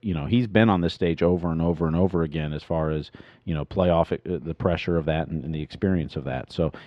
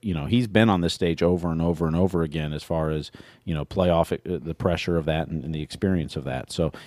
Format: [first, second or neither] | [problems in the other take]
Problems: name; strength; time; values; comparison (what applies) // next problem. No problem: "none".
second | muffled; very slightly; fading above 3 kHz